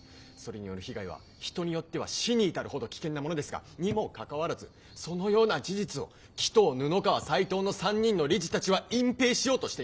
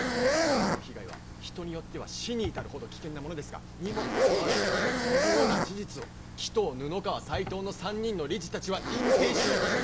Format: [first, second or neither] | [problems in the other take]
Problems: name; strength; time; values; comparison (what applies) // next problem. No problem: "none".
first | background sound (Zipper (clothing)); 4 dB above the speech